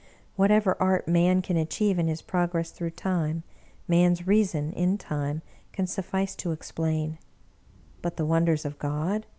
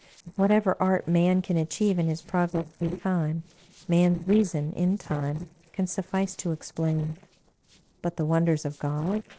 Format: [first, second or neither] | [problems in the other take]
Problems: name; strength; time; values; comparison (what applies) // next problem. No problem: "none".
first | noise reduction (neural separator model SepFormer DNS4)